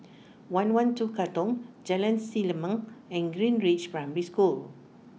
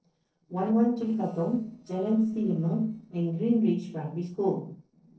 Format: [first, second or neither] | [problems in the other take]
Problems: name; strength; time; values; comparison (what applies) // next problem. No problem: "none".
first | noise reduction (neural separator model SepFormer DNS4)